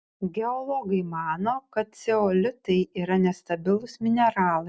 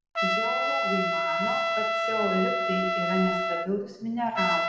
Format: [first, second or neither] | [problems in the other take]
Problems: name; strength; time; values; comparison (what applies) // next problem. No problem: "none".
first | background sound (Trumpet); 3 dB above the speech // room echo; dies away in 1 s